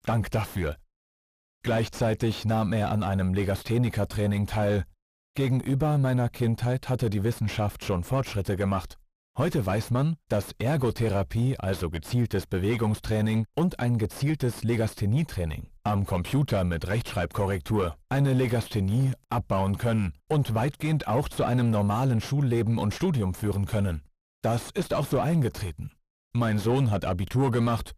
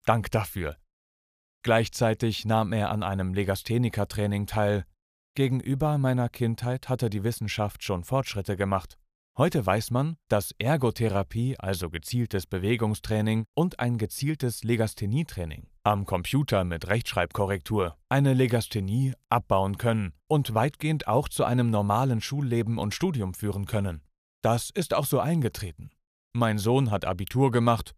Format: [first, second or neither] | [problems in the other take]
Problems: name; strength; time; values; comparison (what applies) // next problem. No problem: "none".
second | distortion; heavy; 7 dB below the speech